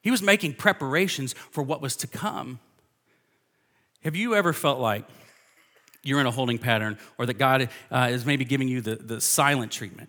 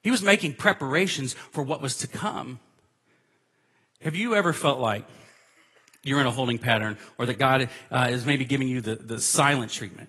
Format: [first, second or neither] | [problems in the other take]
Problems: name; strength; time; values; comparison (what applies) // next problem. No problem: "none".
first | garbled, watery; slightly; nothing above 11.5 kHz